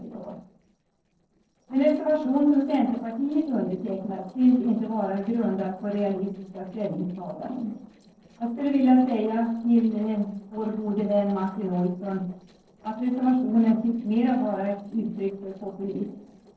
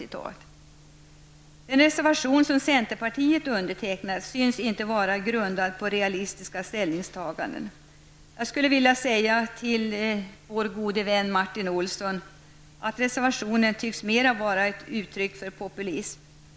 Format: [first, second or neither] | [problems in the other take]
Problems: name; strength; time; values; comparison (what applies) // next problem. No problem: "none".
second | noise reduction (neural separator model SepFormer DNS4)